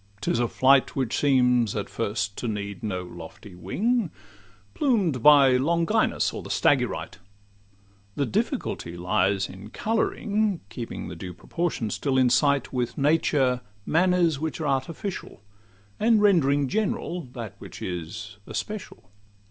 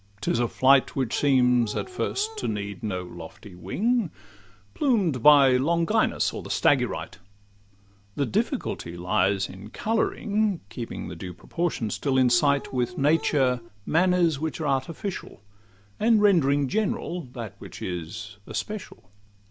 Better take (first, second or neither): first